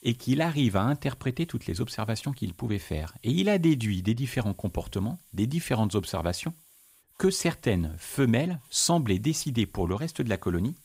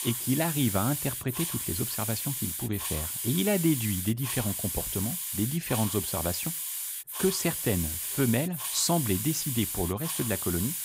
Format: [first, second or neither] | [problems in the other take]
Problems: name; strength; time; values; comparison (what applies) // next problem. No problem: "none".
first | hiss; loud; throughout; 1 dB below the speech; faint in the first